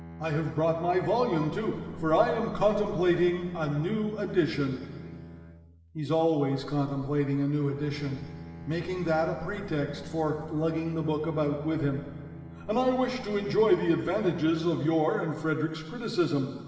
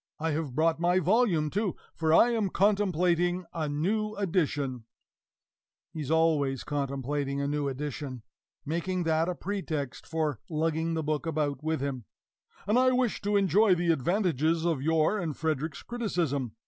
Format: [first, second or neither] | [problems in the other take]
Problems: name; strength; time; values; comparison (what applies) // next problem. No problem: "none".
second | background sound (Bowed string instrument); 17 dB below the speech // room echo; dies away in 2.4 s